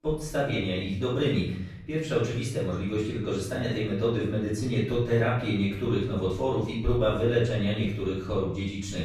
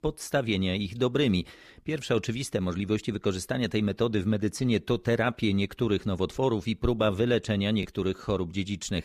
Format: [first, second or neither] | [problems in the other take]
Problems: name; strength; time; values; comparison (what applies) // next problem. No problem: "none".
second | off-mic speech; far // room echo; noticeable; dies away in 0.7 s